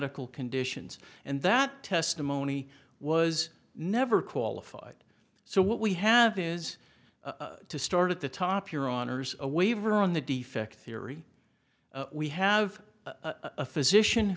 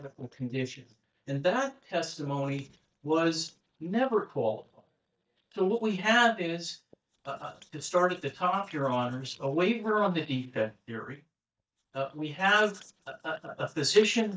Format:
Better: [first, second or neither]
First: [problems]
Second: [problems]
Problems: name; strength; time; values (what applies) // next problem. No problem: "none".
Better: first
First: none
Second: noise reduction (neural mask model DeepFilterNet 3)